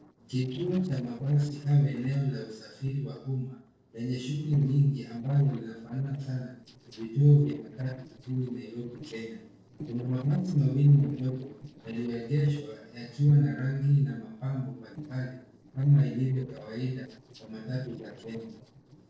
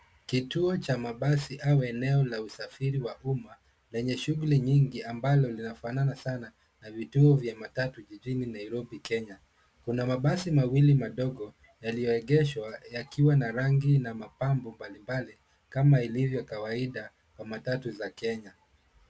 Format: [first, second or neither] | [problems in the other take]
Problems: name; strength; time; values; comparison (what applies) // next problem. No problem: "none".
second | noise reduction (neural separator model SepFormer DNS4)